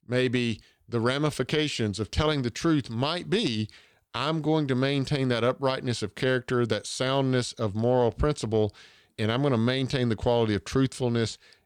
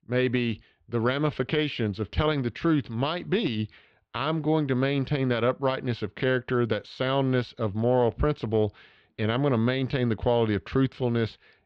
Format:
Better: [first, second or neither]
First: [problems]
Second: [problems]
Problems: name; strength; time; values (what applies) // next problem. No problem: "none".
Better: first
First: none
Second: muffled; slightly; fading above 3.5 kHz